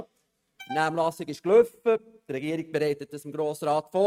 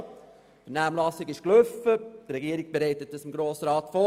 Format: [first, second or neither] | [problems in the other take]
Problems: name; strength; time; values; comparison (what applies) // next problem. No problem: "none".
second | noise reduction (neural mask model RNNoise)